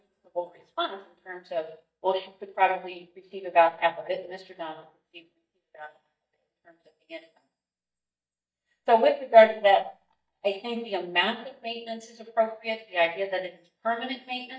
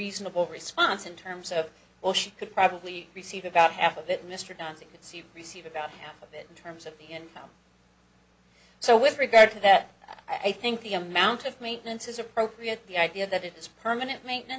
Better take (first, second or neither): second